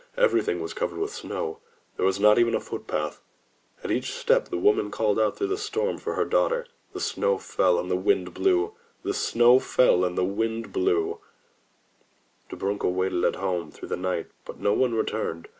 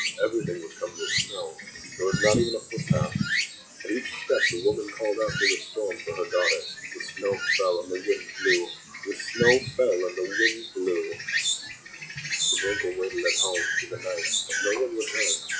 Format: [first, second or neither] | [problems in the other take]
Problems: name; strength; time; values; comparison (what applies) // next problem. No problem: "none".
first | noise reduction (classical method log-MMSE)